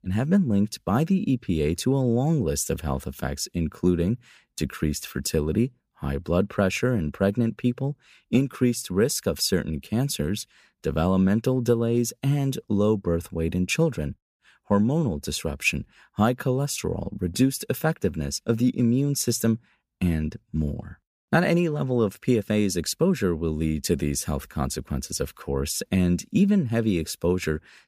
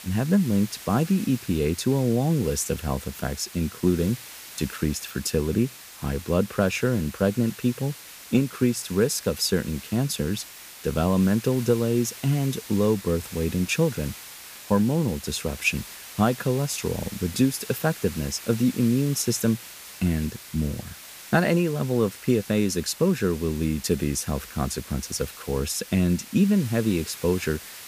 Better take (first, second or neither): first